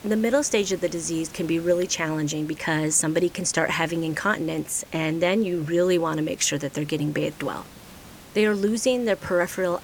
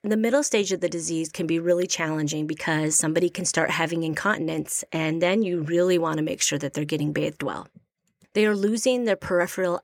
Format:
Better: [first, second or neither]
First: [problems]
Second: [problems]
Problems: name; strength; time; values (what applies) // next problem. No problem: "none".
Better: second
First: hiss; faint; throughout; 20 dB below the speech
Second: none